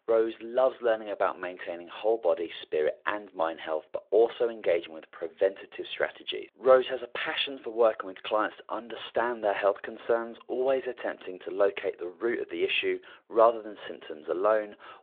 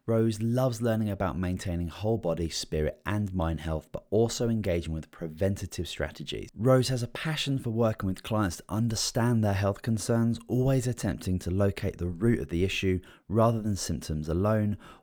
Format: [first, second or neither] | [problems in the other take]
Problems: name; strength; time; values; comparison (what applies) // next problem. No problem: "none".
second | phone-call audio